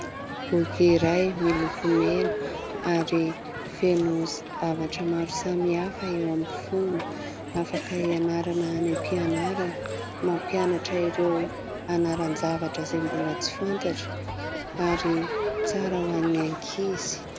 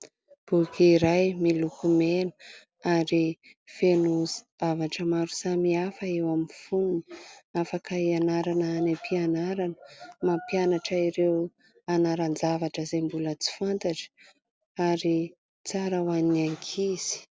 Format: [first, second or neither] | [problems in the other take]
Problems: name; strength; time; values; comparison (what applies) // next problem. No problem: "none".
second | background sound (Crowd); 6 dB below the speech